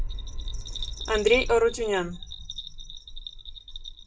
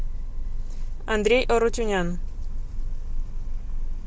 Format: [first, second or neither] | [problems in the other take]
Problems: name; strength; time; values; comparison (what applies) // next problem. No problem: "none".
second | noise reduction (classical method WPE with log-MMSE)